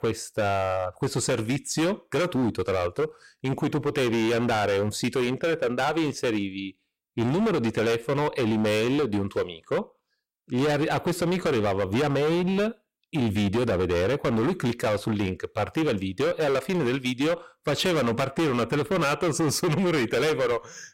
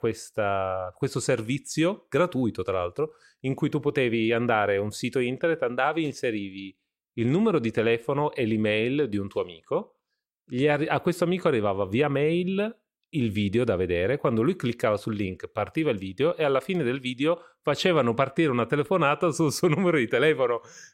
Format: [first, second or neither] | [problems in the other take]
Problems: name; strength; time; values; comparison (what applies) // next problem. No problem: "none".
second | distortion; heavy; 24% of the sound clipped